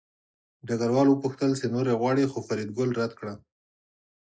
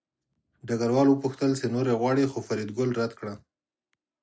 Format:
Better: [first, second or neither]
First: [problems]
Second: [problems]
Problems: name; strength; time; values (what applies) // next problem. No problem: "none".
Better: second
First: noise reduction (neural mask model Resemble Enhance denoiser)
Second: none